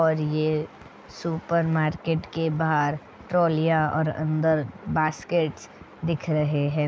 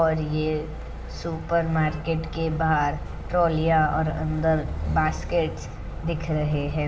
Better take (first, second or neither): first